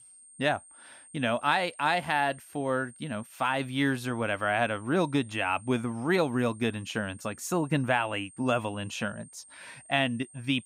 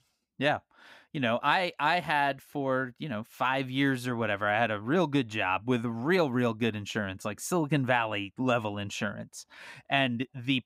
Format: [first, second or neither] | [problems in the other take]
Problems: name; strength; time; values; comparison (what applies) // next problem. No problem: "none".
second | high-pitched whine; faint; throughout; 8.5 kHz, 20 dB below the speech